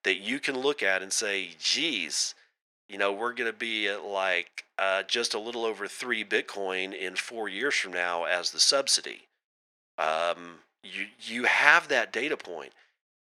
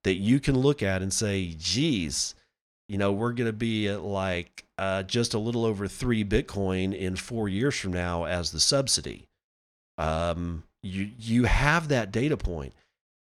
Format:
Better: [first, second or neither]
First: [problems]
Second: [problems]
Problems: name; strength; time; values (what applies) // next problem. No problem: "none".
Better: second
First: thin; very; fading below 400 Hz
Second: none